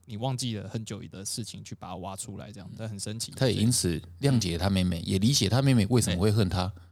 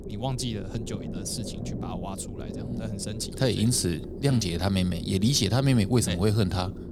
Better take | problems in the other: first | low rumble; noticeable; throughout; 15 dB below the speech

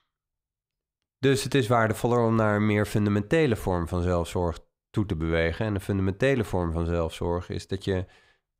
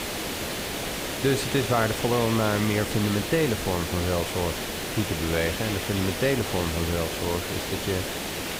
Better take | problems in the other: first | hiss; loud; throughout; 3 dB below the speech

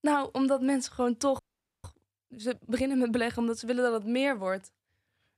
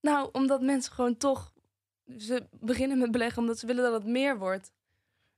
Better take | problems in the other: second | audio freezing; at 1.5 s

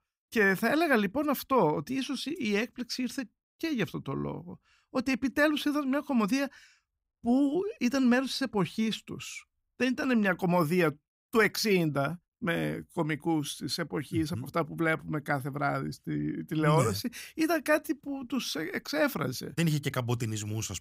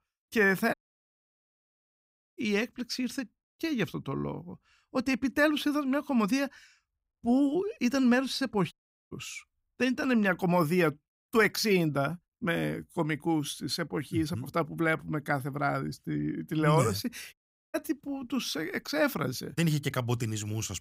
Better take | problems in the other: first | audio cutting out; at 0.5 s for 1.5 s, at 8.5 s and at 17 s

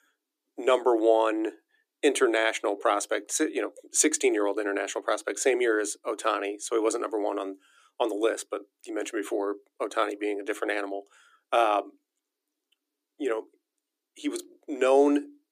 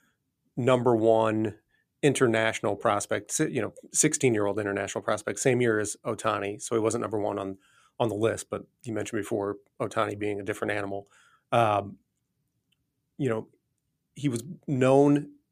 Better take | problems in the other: second | thin; very slightly; fading below 300 Hz

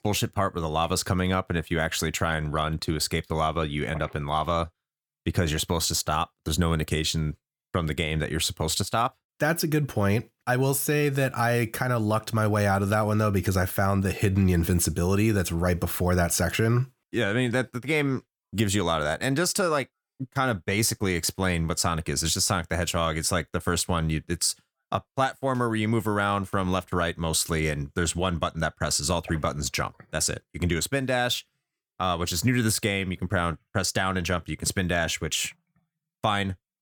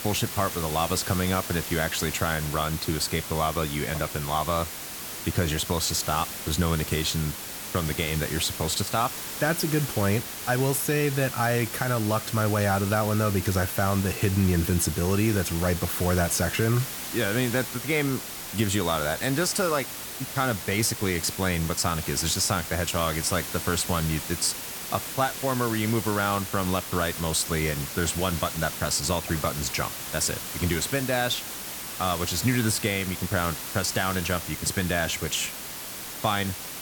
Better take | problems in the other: first | hiss; loud; throughout; 6 dB below the speech

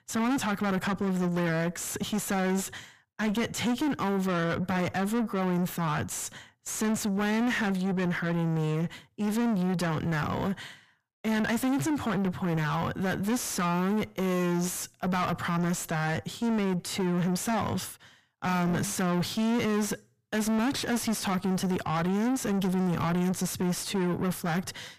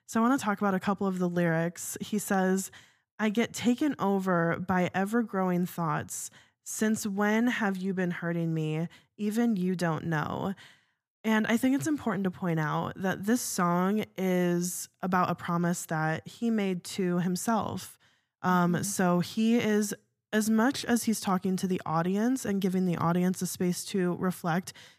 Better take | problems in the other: second | distortion; heavy; 7 dB below the speech

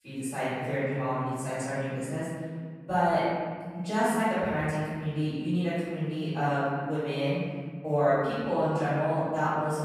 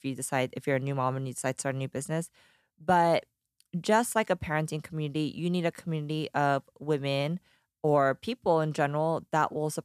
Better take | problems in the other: second | off-mic speech; far // room echo; strong; dies away in 1.8 s

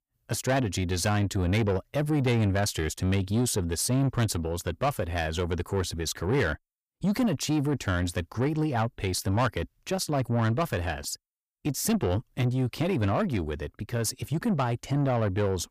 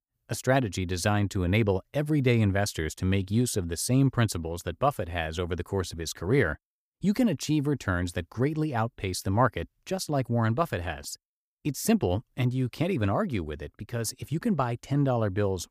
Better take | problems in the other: second | distortion; slight; 10 dB below the speech

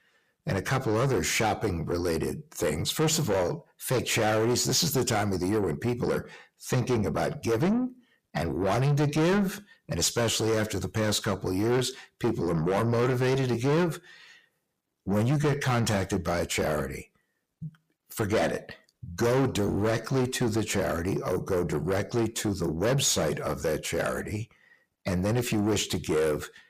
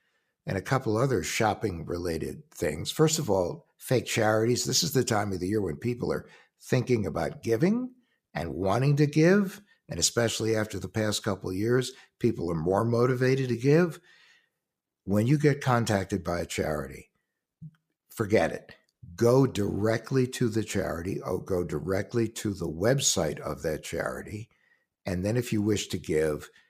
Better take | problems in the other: second | distortion; heavy; 7 dB below the speech

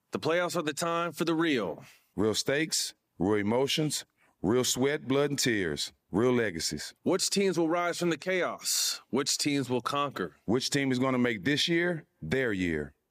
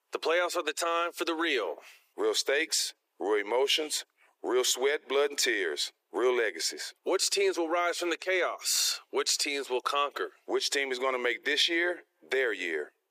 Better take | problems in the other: first | thin; very; fading below 350 Hz

